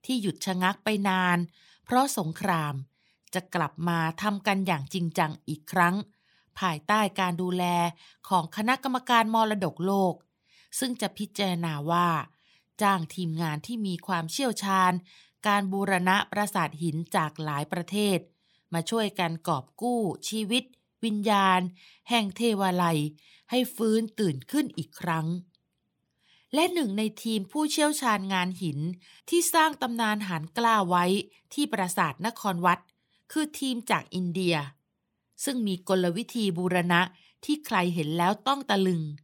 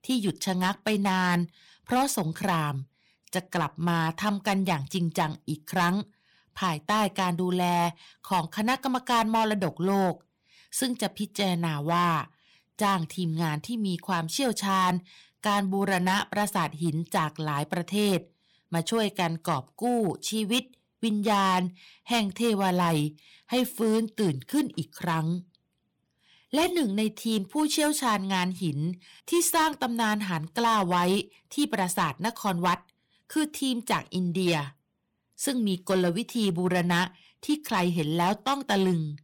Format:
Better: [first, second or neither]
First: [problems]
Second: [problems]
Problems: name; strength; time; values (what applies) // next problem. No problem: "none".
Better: first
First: none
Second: distortion; slight; 5% of the sound clipped